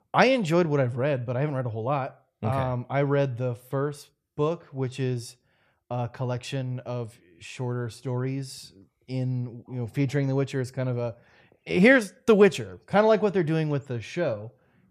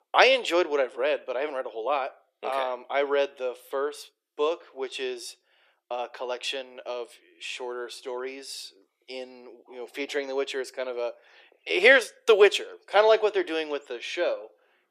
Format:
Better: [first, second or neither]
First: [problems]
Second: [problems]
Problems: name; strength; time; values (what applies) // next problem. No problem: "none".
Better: first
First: none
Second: thin; very; fading below 350 Hz